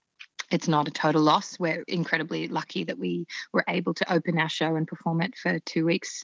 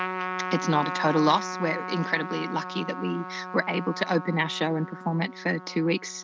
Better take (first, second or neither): first